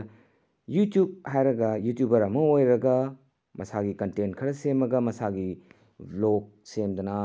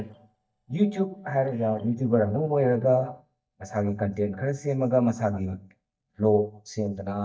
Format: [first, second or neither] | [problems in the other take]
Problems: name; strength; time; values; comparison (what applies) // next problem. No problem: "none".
first | noise reduction (neural mask model DeepFilterNet 3)